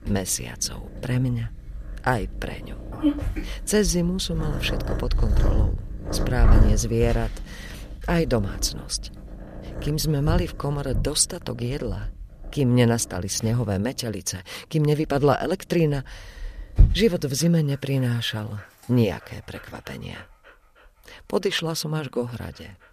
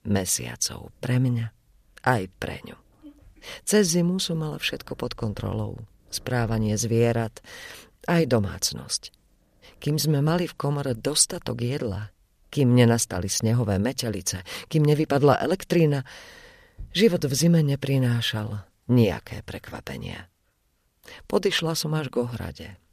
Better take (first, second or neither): second